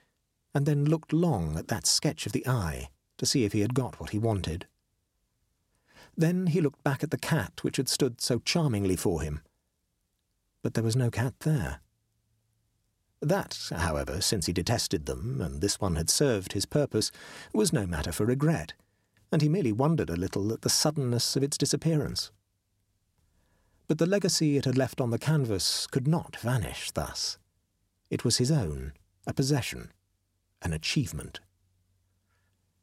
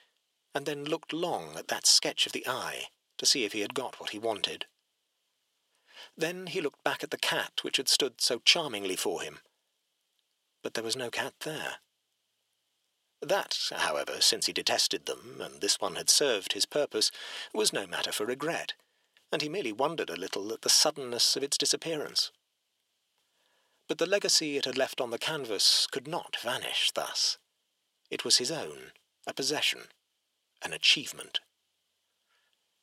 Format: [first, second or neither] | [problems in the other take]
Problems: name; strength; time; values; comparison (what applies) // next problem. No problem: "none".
first | thin; very; fading below 550 Hz